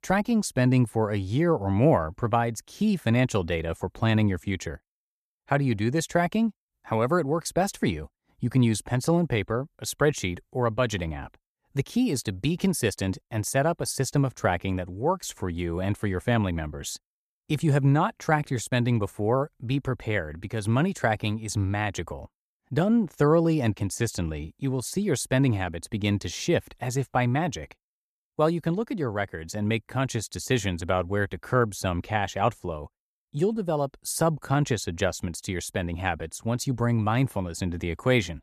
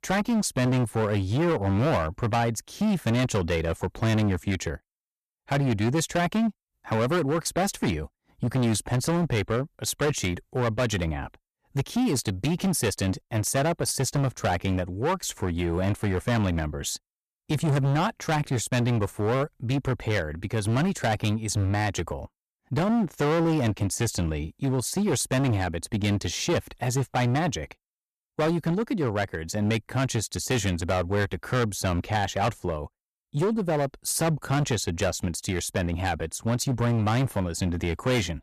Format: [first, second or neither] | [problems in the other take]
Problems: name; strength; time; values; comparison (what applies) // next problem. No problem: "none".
first | distortion; heavy; 16% of the sound clipped